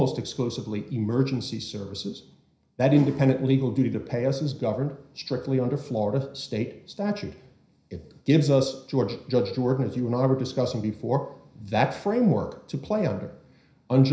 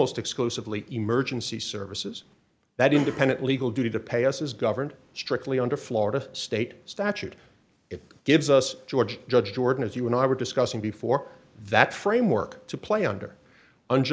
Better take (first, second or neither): second